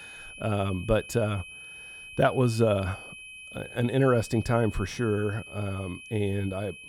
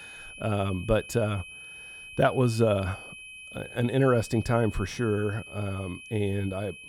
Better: neither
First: high-pitched whine; noticeable; throughout; 2.5 kHz, 15 dB below the speech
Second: high-pitched whine; noticeable; throughout; 2.5 kHz, 15 dB below the speech

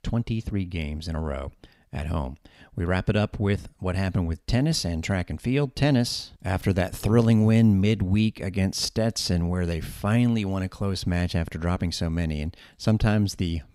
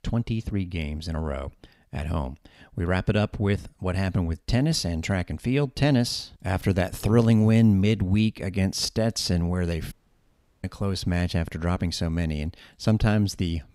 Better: first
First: none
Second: audio cutting out; at 10 s for 0.5 s

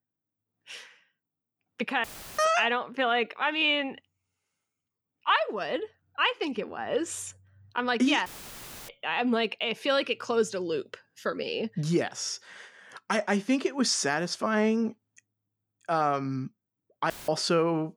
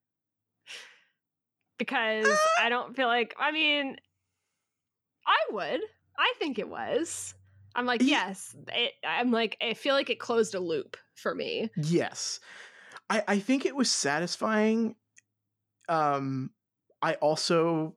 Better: second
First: audio cutting out; filled with static; at 2 s, at 8.5 s for 0.5 s and at 17 s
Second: none

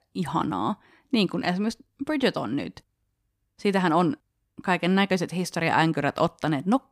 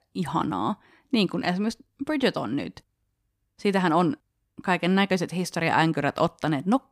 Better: neither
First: none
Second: none

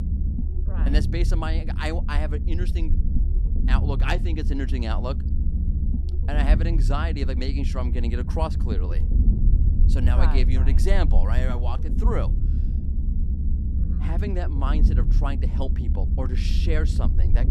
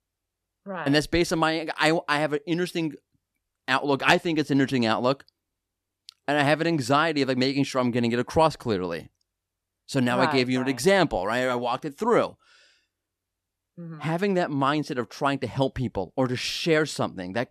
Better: second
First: low rumble; loud; throughout; 7 dB below the speech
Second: none

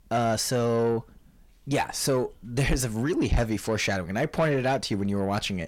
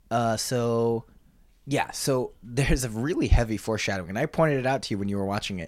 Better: second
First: distortion; slight; 10 dB below the speech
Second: none

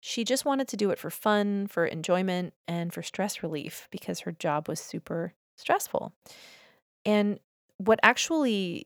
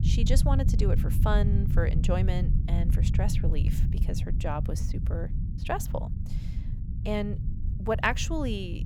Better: first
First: none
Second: low rumble; loud; throughout; 9 dB below the speech

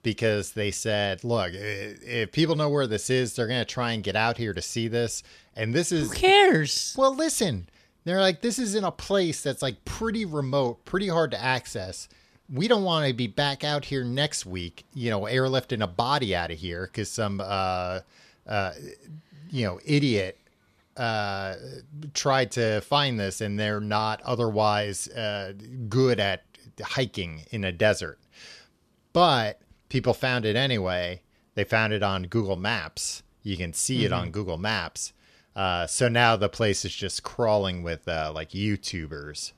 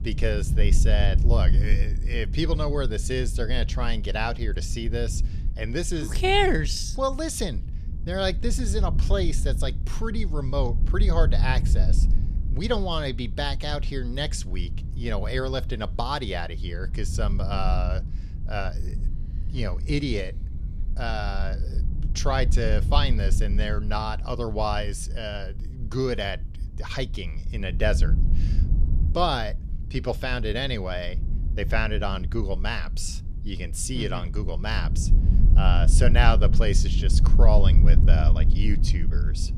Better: first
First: none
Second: low rumble; noticeable; throughout; 15 dB below the speech

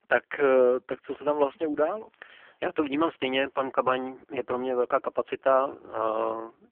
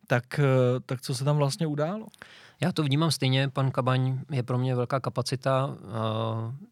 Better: second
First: phone-call audio; poor line; nothing above 3 kHz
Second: none

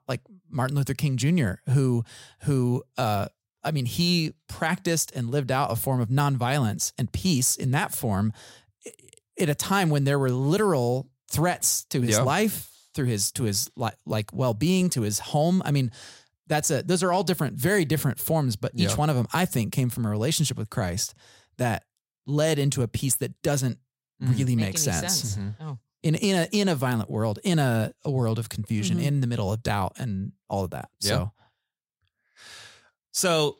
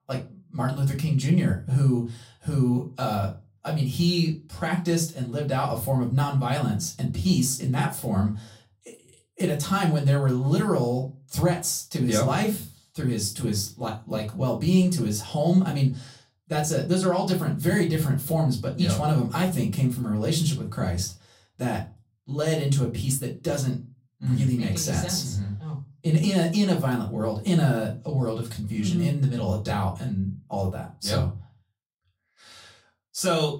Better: first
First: none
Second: off-mic speech; far // room echo; very slight; dies away in 0.2 s

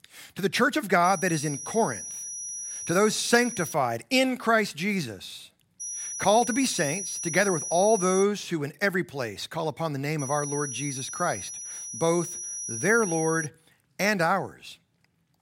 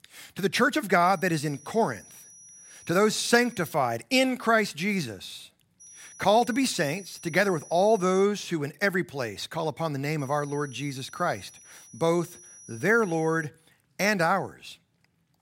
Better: second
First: high-pitched whine; loud; from 1 to 3.5 s, from 6 to 8 s and from 10 to 13 s; 6 kHz, 7 dB below the speech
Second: high-pitched whine; faint; from 1 to 3.5 s, from 6 to 8 s and from 10 to 13 s; 6 kHz, 20 dB below the speech

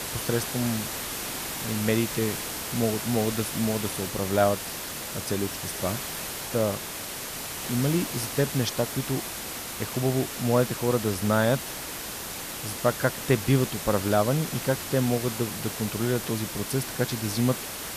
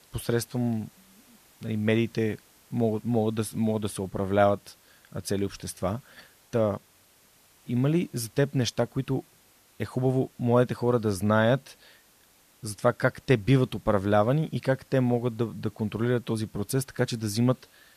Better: second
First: hiss; loud; throughout; 5 dB below the speech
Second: hiss; faint; throughout; 30 dB below the speech

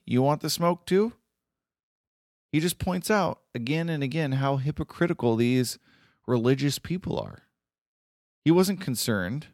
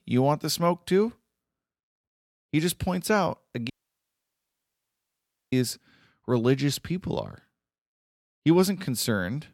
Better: first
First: none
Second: audio cutting out; at 3.5 s for 2 s

